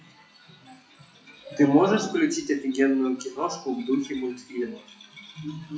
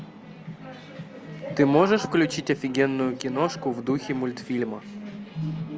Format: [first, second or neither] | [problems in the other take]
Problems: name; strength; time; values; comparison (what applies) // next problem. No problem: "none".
second | noise reduction (classical method WPE with log-MMSE)